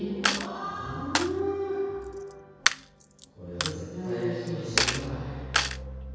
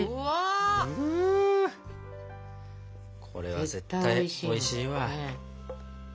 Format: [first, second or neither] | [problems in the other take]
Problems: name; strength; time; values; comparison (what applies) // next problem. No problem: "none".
second | background sound (Coin (dropping)); as loud as the speech // room echo; dies away in 2 s